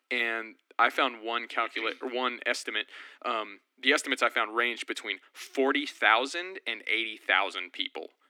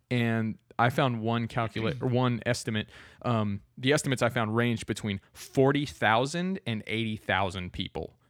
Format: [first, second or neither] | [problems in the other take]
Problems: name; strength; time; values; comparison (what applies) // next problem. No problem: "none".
second | thin; somewhat; fading below 250 Hz